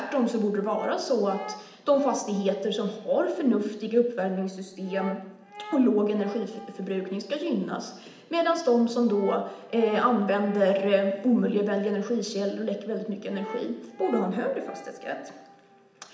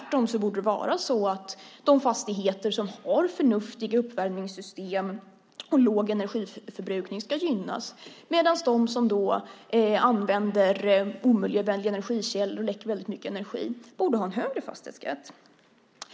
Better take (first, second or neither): second